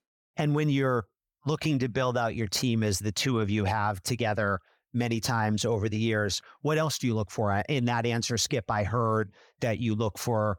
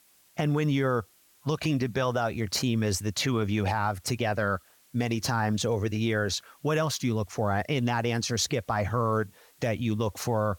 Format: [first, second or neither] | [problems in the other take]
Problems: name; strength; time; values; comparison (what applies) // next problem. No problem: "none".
first | hiss; faint; throughout; 30 dB below the speech